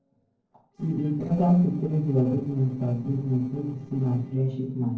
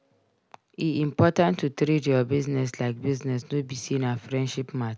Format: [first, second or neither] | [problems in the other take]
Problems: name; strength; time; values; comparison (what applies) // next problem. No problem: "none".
second | noise reduction (neural separator model SepFormer DNS4)